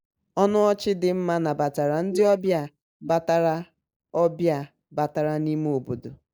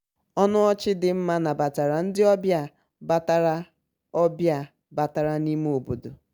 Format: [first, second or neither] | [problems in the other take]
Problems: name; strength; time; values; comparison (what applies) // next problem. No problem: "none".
second | noise reduction (neural mask model Resemble Enhance denoiser)